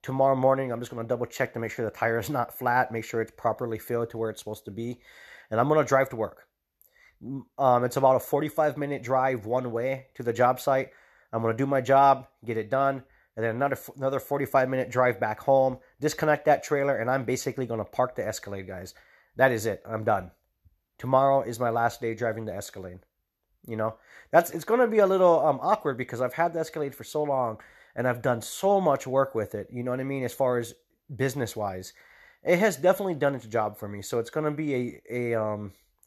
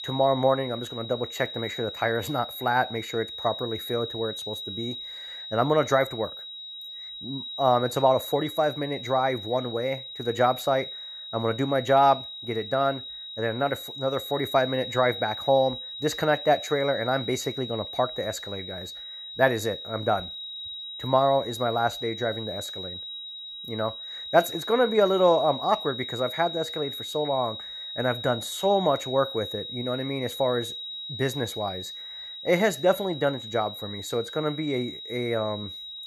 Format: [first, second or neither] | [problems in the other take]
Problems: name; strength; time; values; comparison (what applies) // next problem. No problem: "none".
first | high-pitched whine; loud; throughout; 4 kHz, 9 dB below the speech